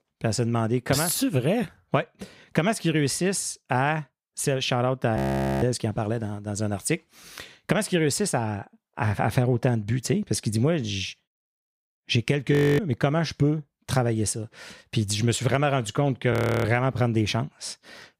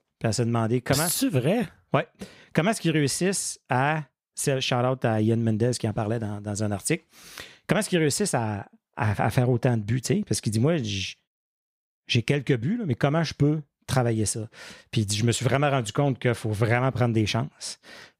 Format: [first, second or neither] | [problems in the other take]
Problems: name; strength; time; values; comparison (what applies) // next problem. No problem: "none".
second | audio freezing; at 5 s, at 13 s and at 16 s